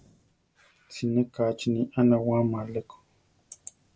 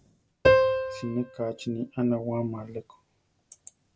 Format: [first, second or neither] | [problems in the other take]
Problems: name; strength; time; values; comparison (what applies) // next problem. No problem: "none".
first | background sound (Piano); 5 dB above the speech